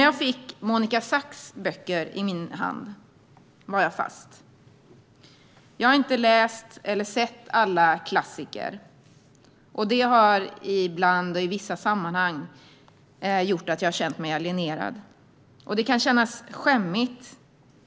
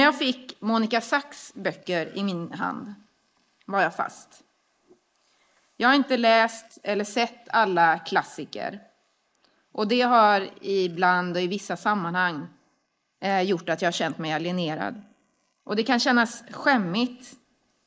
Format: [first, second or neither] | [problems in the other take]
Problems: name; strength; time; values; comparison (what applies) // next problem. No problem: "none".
first | noise reduction (neural mask model Resemble Enhance denoiser)